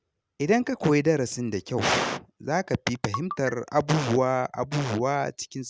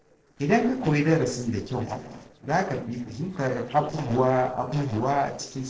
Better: first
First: none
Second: noise reduction (neural separator model SepFormer DNS4)

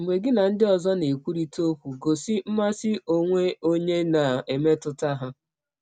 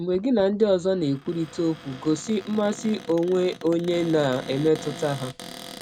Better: first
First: none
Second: background sound (Cupboard open or close); 16 dB below the speech

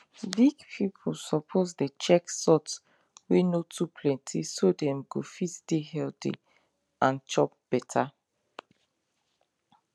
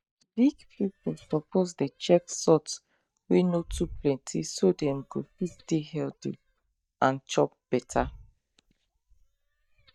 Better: first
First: none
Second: noise reduction (neural mask model DeepFilterNet 3)

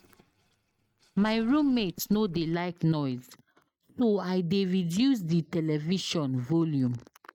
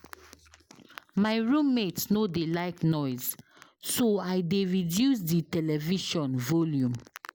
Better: second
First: noise reduction (neural mask model RNNoise)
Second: none

